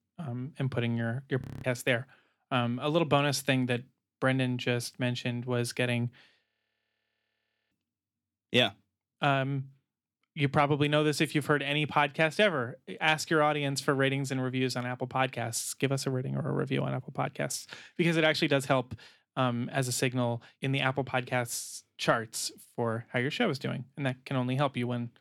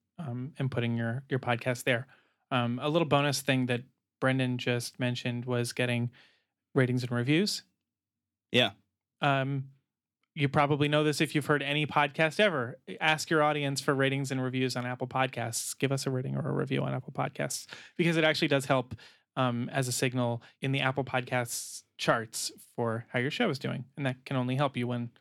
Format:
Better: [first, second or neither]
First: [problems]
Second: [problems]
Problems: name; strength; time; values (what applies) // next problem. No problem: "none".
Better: second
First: audio freezing; at 1.5 s and at 6.5 s for 1.5 s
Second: none